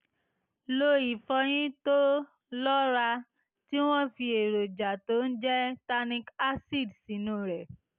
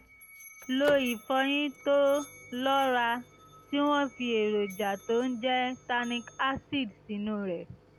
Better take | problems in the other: first | background sound (Musical instrument + Microwave oven); 18 dB below the speech

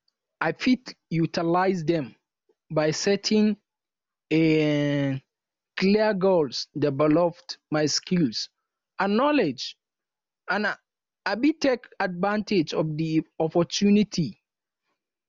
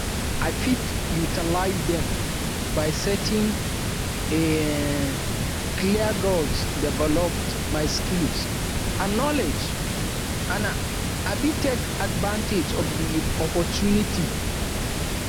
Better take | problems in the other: first | background sound (Water); 2 dB above the speech

